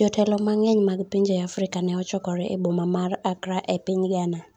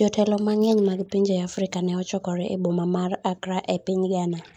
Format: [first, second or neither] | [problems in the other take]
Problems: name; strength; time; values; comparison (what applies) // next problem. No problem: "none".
first | noise reduction (neural mask model Resemble Enhance denoiser)